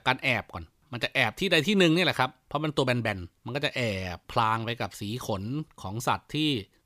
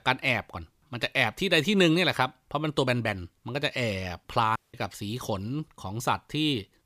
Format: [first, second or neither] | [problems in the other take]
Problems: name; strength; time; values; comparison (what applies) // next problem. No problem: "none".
first | audio cutting out; at 4.5 s